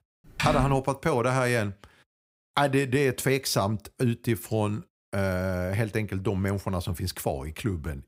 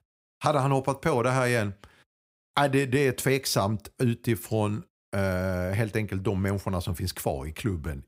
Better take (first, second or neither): second